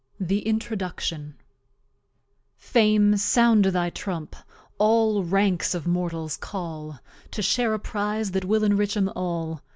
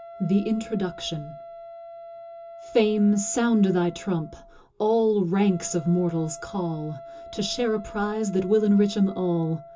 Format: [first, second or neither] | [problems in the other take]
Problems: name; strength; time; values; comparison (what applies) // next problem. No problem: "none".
first | background sound (Wind instrument, woodwind instrument); 18 dB below the speech // room echo; dies away in 0.2 s